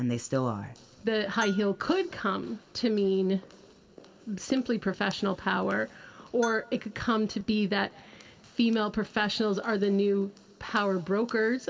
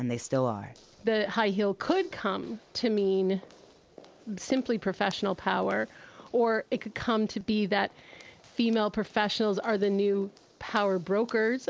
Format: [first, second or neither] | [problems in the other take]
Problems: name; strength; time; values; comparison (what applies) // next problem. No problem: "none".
second | background sound (Bell); 18 dB below the speech // room echo; dies away in 1.5 s